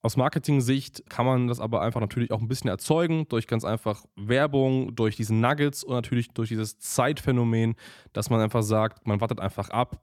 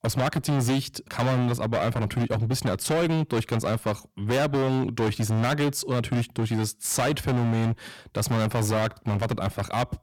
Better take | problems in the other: first | distortion; heavy; 25% of the sound clipped

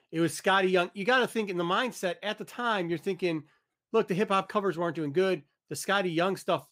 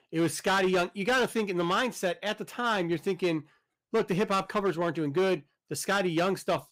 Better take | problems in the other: first | distortion; slight; 8% of the sound clipped

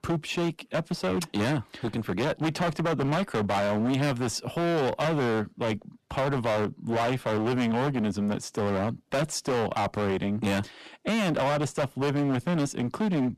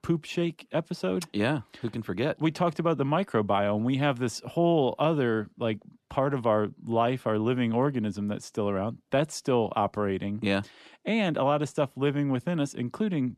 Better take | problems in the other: second | distortion; heavy; 25% of the sound clipped

